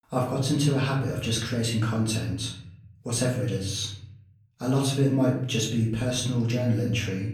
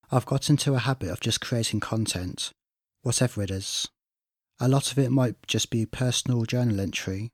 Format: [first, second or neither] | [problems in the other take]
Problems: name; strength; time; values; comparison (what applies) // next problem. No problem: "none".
second | off-mic speech; far // room echo; slight; dies away in 0.8 s